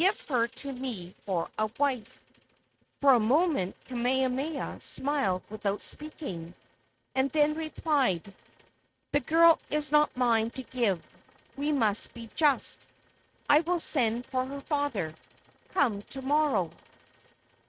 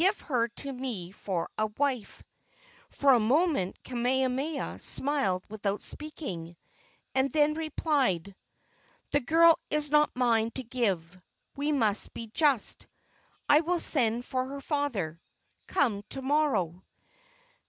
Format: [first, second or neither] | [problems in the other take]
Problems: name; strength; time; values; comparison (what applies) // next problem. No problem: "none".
second | noise reduction (neural mask model RNNoise)